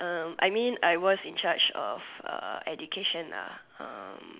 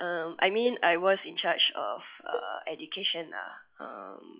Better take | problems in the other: first | noise reduction (classical method log-MMSE)

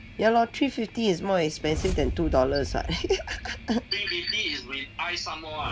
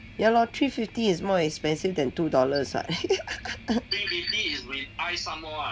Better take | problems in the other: second | background sound (Whoosh, swoosh, swish); 10 dB below the speech

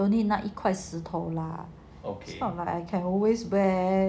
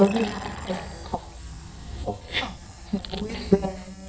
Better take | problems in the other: first | noise reduction (neural mask model DeepFilterNet 3)

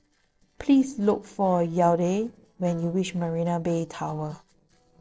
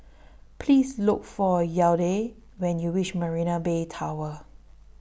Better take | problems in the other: second | noise reduction (neural separator model SepFormer DNS4)

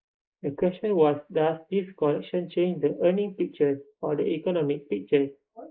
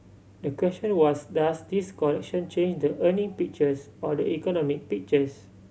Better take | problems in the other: second | noise reduction (neural mask model Resemble Enhance denoiser)

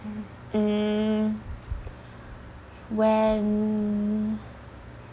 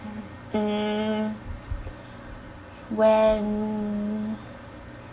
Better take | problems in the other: first | room echo; dies away in 0.1 s

